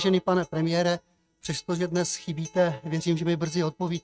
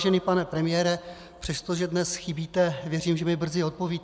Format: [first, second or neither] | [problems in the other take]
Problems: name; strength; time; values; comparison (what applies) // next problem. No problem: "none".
second | noise reduction (neural mask model RNNoise)